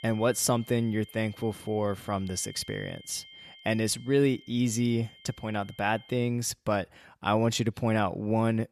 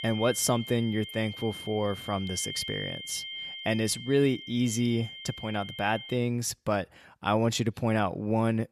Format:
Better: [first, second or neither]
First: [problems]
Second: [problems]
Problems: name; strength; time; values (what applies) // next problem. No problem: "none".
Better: first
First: high-pitched whine; faint; until 6 s; 3 kHz, 20 dB below the speech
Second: high-pitched whine; loud; until 6 s; 3 kHz, 9 dB below the speech